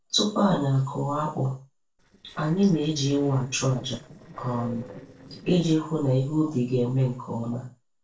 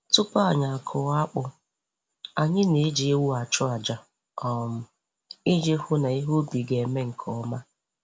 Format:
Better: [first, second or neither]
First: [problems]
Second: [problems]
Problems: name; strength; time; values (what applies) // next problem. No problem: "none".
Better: second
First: noise reduction (neural separator model SepFormer DNS4)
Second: none